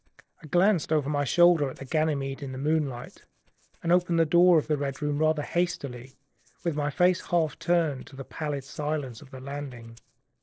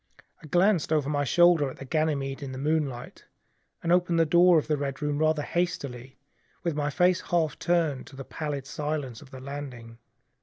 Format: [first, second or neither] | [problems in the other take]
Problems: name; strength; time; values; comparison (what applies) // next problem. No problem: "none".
second | noise reduction (neural separator model SepFormer DNS4)